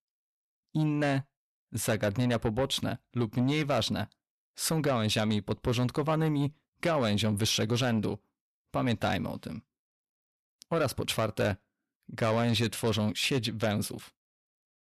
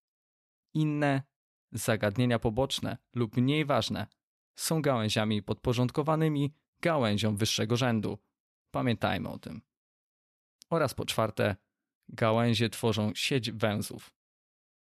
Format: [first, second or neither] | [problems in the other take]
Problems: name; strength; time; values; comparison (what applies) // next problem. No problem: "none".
second | distortion; slight; 10 dB below the speech